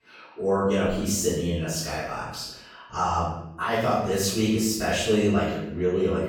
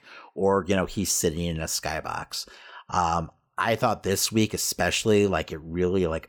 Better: second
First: off-mic speech; far // room echo; strong; dies away in 0.8 s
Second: none

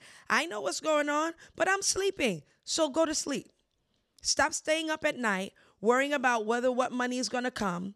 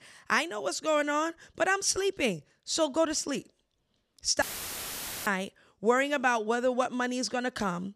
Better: first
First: none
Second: audio cutting out; filled with static; at 4.5 s for 1 s

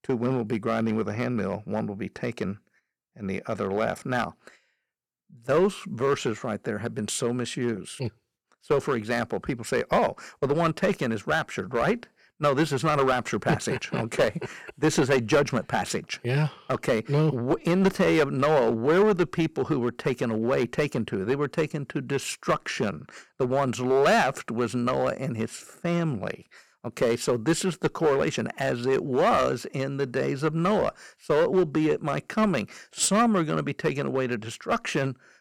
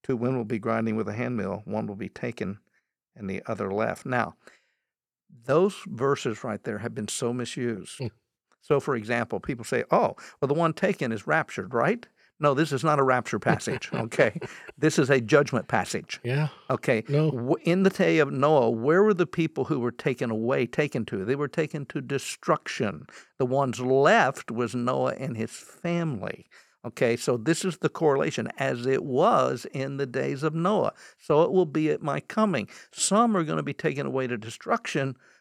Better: second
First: distortion; slight; 4% of the sound clipped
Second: none

